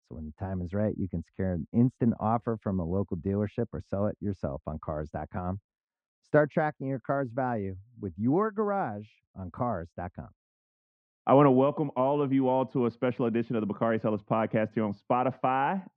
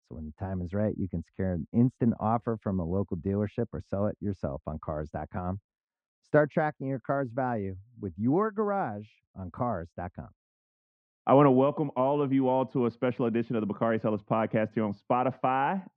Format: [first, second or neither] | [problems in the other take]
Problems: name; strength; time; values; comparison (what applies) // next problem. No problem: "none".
neither | muffled; very; fading above 1.5 kHz; the same in both